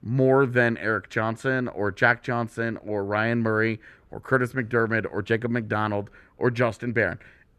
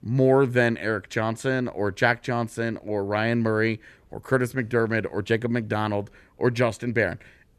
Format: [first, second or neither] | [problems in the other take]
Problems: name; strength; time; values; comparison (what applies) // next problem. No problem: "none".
second | muffled; very slightly; fading above 4 kHz